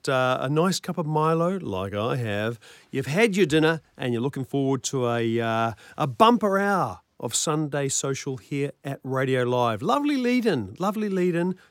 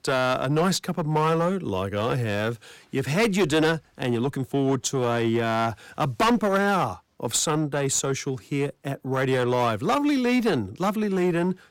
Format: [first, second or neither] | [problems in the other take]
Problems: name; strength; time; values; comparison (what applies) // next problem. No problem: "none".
first | distortion; slight; 9% of the sound clipped